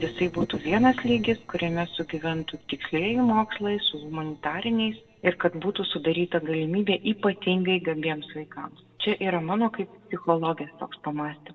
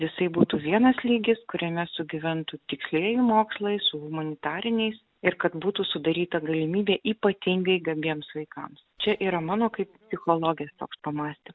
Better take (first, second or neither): second